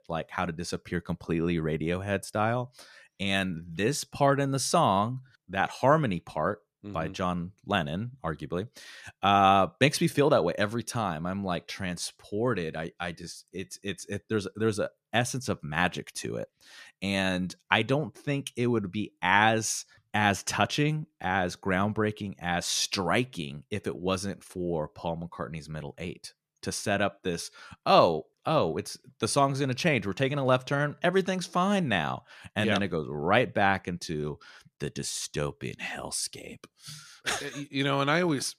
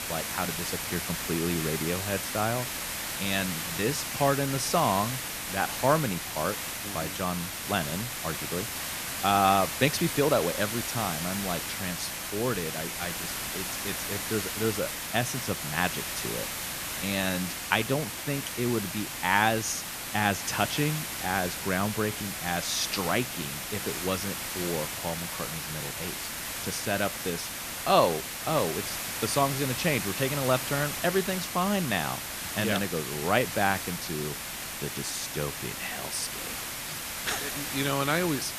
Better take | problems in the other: first | hiss; loud; throughout; 3 dB below the speech

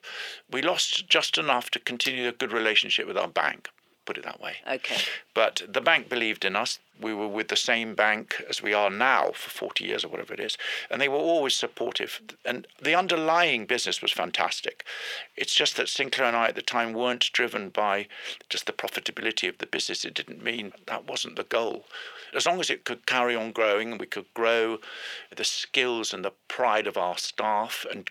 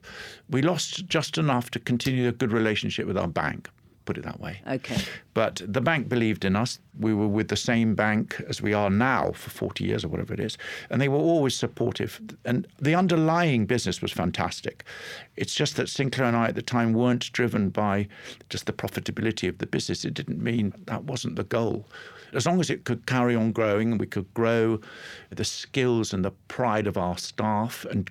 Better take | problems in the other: second | thin; very; fading below 550 Hz

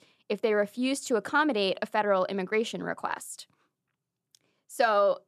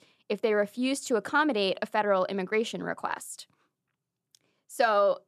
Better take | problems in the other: neither | none

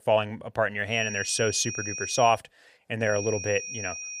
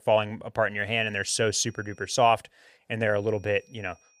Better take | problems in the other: second | high-pitched whine; loud; from 1 to 2.5 s and from 3 s on; 5.5 kHz, 7 dB below the speech; faint in the second

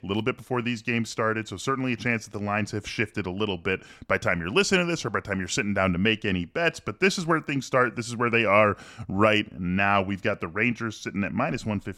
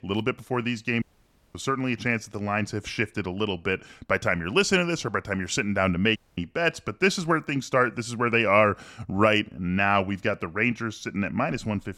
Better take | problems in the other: first | audio cutting out; at 1 s for 0.5 s and at 6 s

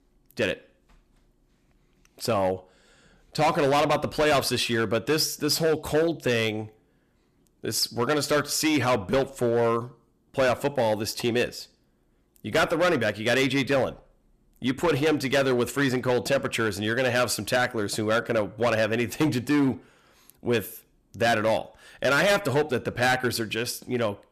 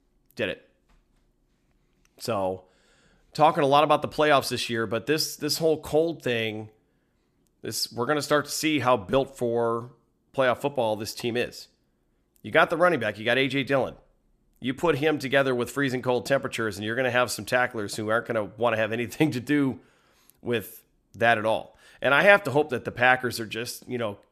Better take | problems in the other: second | distortion; heavy; 8% of the sound clipped

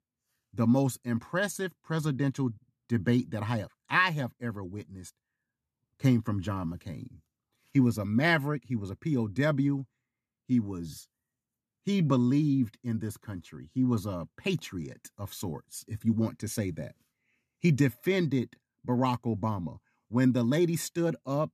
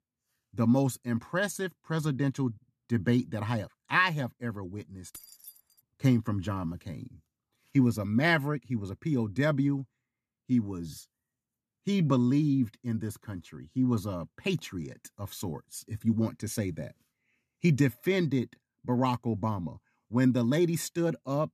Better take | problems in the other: first | jangling keys; faint; at 5 s; peak 15 dB below the speech

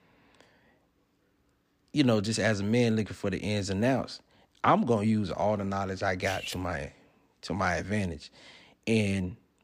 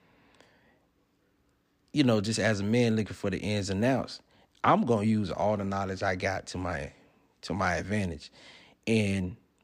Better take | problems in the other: second | clattering dishes; noticeable; at 6 s; peak 8 dB below the speech

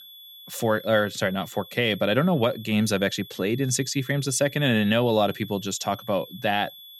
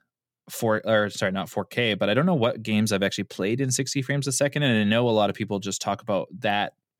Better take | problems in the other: second | high-pitched whine; noticeable; throughout; 3.5 kHz, 20 dB below the speech

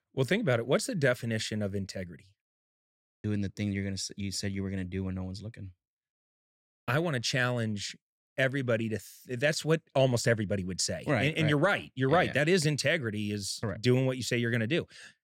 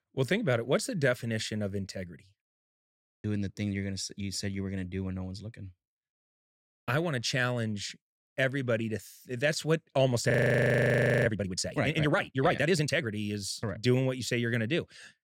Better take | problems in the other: first | audio freezing; at 10 s for 1 s

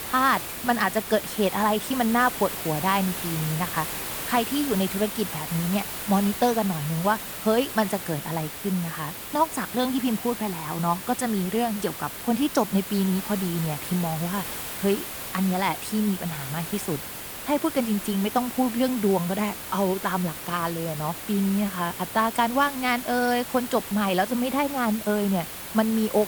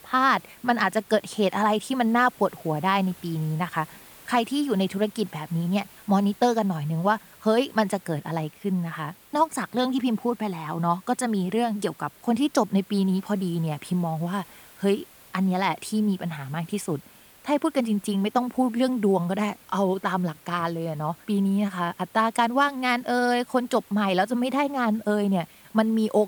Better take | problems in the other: second | hiss; loud; throughout; 7 dB below the speech; faint in the second

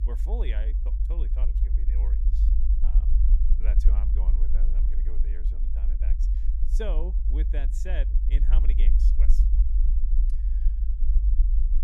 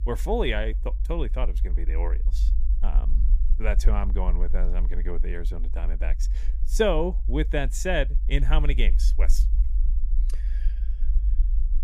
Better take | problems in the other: second | low rumble; loud; throughout; 5 dB below the speech; faint in the second

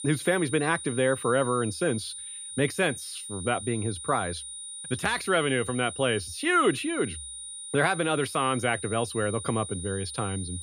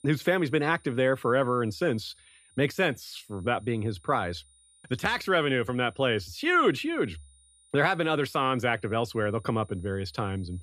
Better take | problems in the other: second | high-pitched whine; loud; throughout; 9 kHz, 9 dB below the speech; faint in the second

